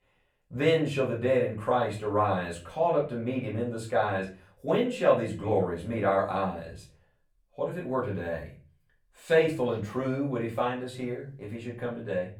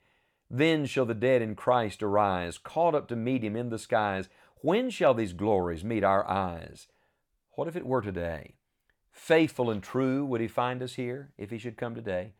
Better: second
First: room echo; slight; dies away in 0.3 s // off-mic speech; far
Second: none

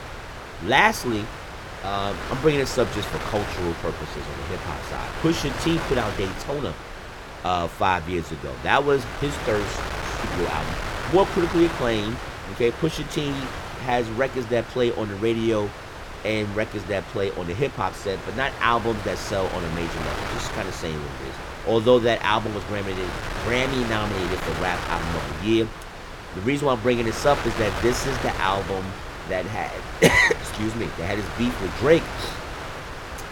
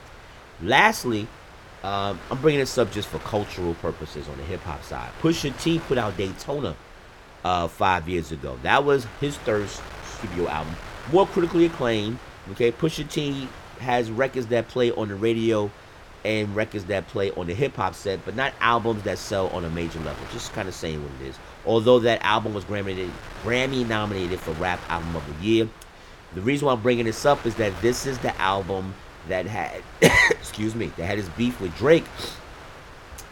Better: second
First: wind noise on the microphone; heavy; 7 dB below the speech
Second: wind noise on the microphone; occasional gusts; 15 dB below the speech

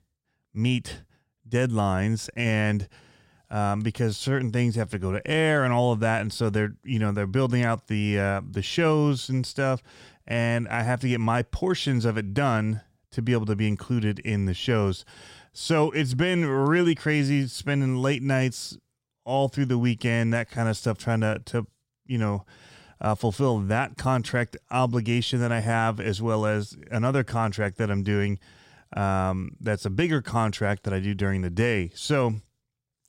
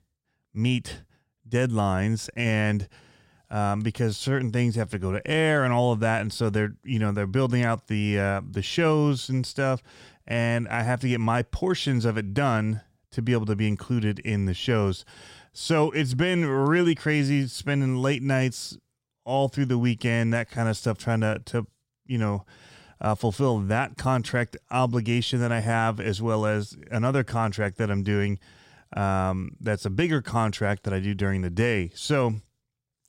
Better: neither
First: none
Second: none

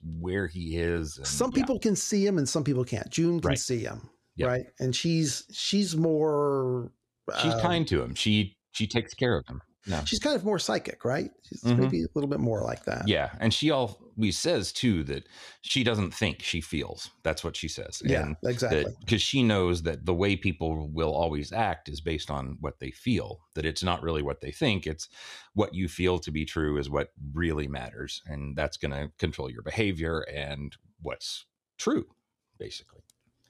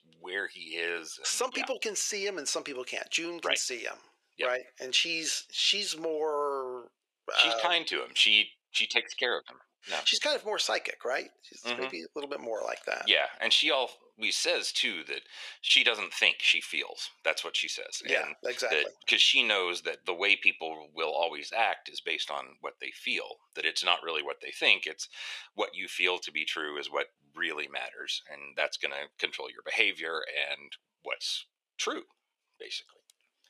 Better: first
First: none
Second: thin; very; fading below 500 Hz

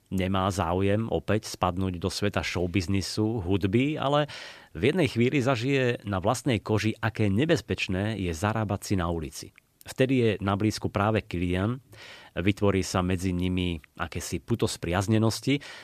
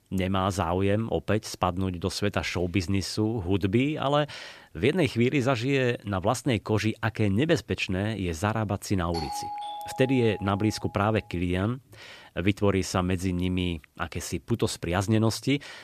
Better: first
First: none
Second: doorbell; noticeable; from 9 to 11 s; peak 7 dB below the speech

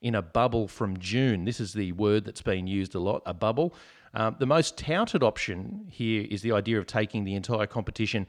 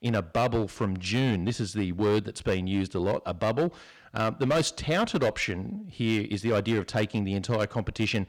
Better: first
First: none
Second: distortion; slight; 7% of the sound clipped

